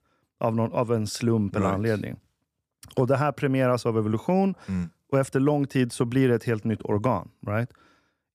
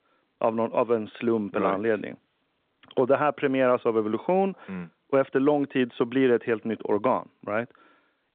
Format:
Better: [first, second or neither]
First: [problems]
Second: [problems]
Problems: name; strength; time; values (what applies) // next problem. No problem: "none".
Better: first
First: none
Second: phone-call audio